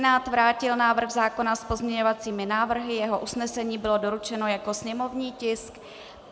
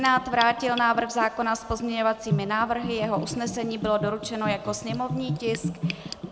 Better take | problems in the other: first | background sound (Bathtub (filling or washing) / Gurgling); 8 dB below the speech

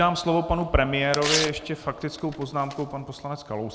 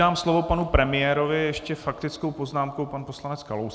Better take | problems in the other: second | background sound (Tearing); 7 dB below the speech

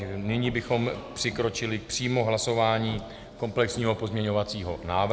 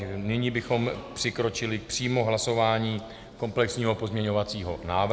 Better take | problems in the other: second | background sound (Printer); 19 dB below the speech

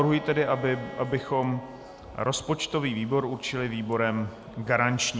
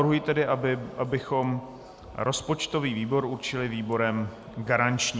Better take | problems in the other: second | background sound (Bowed string instrument); 19 dB below the speech

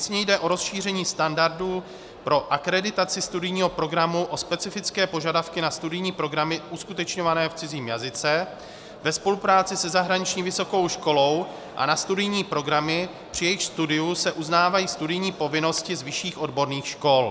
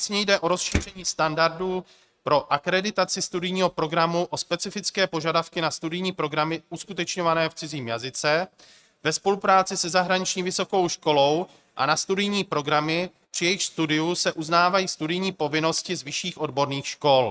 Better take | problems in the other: first | noise reduction (neural mask model RNNoise)

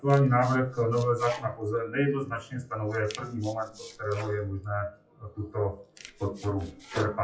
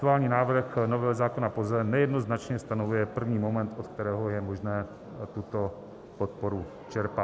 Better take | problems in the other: second | noise reduction (classical method WPE with log-MMSE)

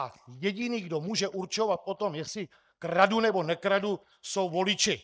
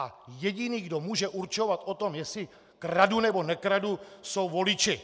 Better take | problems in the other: second | noise reduction (neural mask model DeepFilterNet 3)

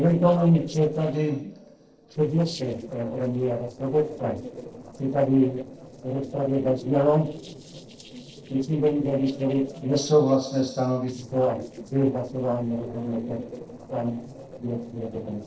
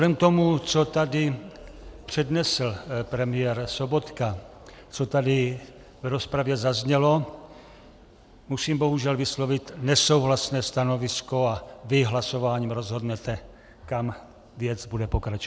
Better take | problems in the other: second | noise reduction (neural separator model SepFormer DNS4)

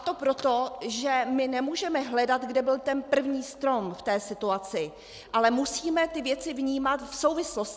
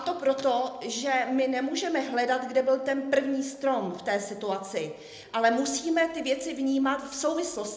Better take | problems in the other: first | room echo; dies away in 0.7 s

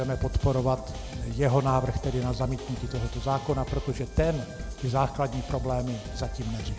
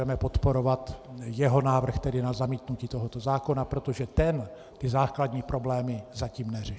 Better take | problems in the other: second | background sound (Drum kit); 8 dB below the speech

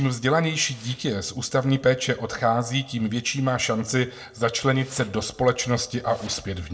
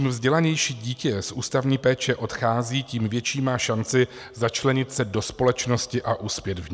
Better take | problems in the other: second | noise reduction (neural separator model SepFormer DNS4)

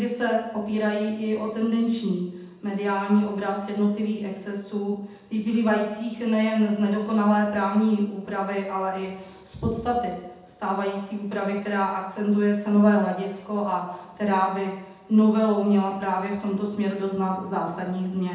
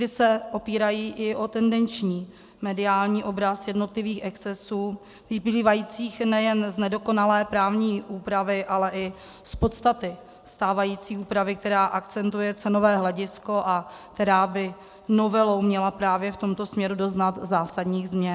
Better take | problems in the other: second | room echo; dies away in 0.8 s

